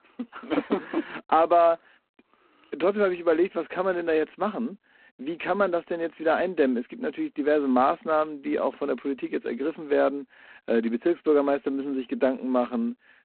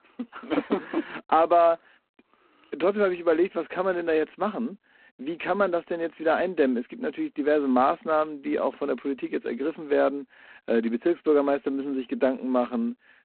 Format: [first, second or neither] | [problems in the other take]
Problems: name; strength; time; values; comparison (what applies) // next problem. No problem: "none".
neither | phone-call audio; poor line; nothing above 4 kHz; the same in both